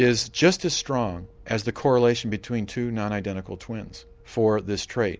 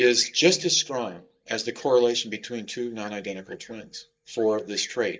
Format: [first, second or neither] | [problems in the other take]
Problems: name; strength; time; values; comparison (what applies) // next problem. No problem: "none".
first | noise reduction (neural mask model DeepFilterNet 3)